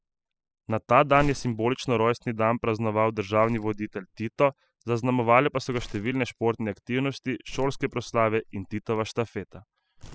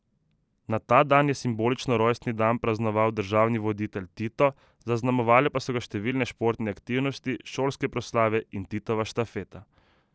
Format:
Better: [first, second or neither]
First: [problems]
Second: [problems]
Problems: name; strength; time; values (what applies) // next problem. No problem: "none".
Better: second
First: noise reduction (classical method spectral subtraction)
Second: none